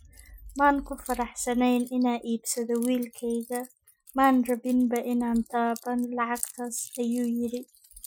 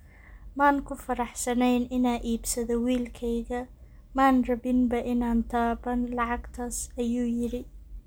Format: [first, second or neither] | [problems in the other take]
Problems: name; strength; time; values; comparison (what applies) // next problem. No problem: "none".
second | noise reduction (classical method Wiener filter)